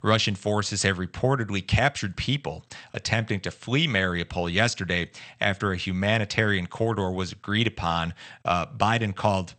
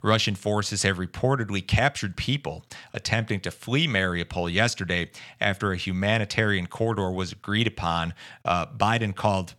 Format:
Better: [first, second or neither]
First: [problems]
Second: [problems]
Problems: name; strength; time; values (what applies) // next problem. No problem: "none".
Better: second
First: garbled, watery; slightly; nothing above 8.5 kHz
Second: none